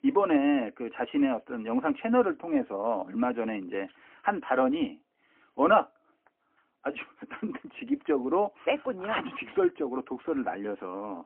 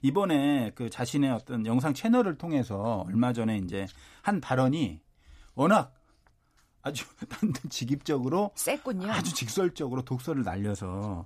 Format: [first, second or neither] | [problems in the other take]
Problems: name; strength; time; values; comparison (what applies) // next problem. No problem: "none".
second | phone-call audio; poor line